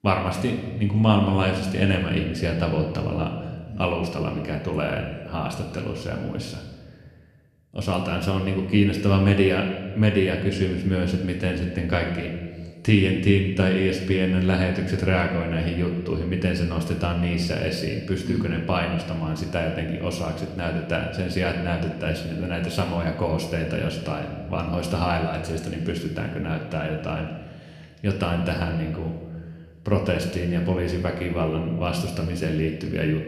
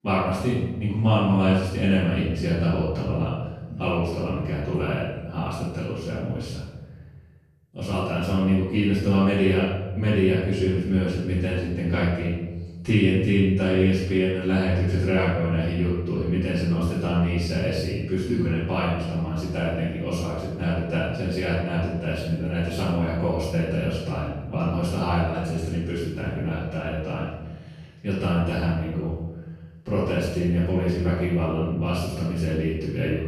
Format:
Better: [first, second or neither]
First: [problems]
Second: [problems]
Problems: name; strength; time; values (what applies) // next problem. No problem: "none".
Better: first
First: room echo; slight; dies away in 1.2 s // off-mic speech; somewhat distant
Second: room echo; strong; dies away in 1.3 s // off-mic speech; far